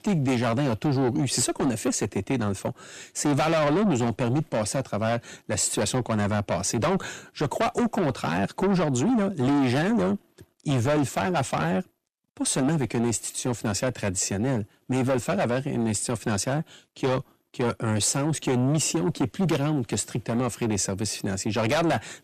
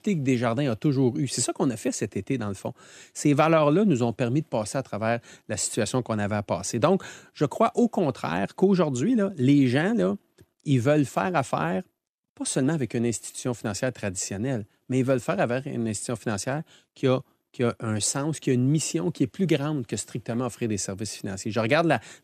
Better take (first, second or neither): second